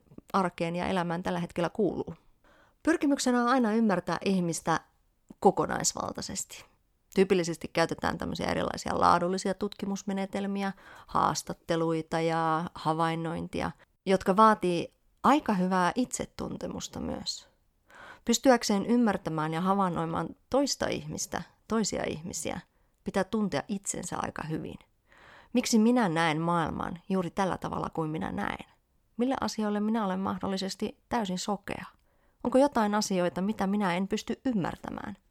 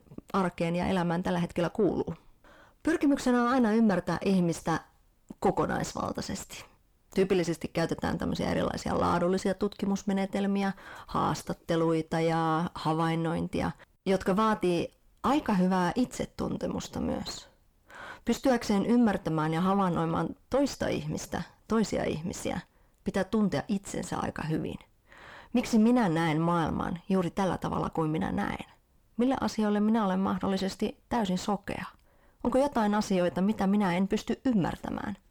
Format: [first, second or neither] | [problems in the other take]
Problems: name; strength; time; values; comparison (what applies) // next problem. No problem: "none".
first | distortion; heavy; 7 dB below the speech